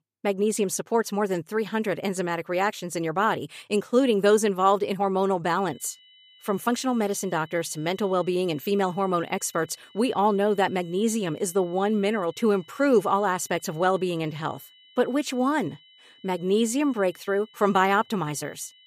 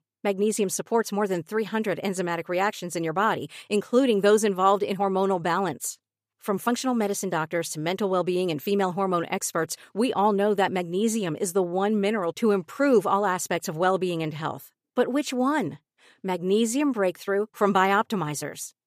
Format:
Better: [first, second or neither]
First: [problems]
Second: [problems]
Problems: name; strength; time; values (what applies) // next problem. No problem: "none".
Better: second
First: high-pitched whine; faint; from 5.5 s on; 3 kHz, 25 dB below the speech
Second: none